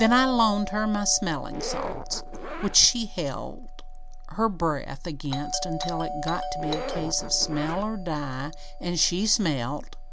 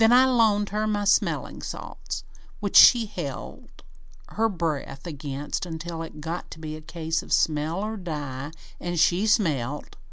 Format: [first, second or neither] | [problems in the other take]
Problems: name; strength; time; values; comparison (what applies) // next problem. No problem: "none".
second | background sound (Doorbell + Zipper (clothing)); 10 dB below the speech